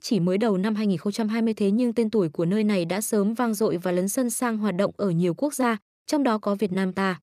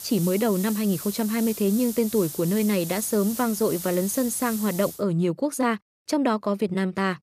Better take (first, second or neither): first